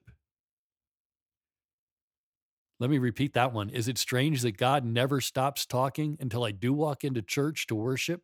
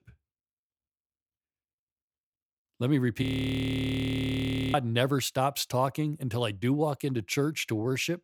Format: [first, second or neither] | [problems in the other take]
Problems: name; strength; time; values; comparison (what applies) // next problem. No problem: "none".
first | audio freezing; at 3 s for 1.5 s